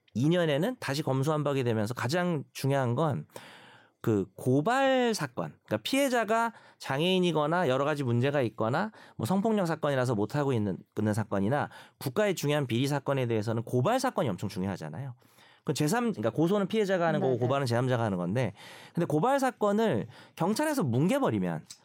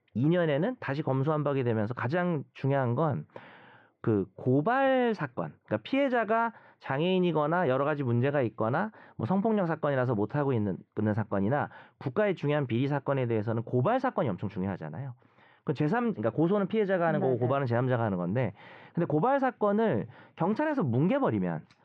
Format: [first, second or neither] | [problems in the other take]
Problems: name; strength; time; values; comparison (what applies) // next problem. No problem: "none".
first | muffled; very; fading above 2.5 kHz